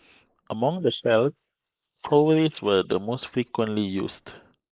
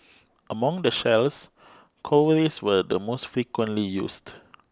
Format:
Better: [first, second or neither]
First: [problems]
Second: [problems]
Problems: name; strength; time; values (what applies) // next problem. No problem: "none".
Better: second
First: noise reduction (neural mask model Resemble Enhance denoiser)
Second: none